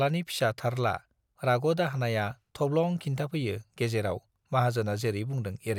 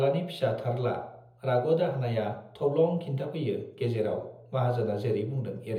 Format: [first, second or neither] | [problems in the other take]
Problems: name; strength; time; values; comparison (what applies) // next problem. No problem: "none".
first | room echo; dies away in 0.7 s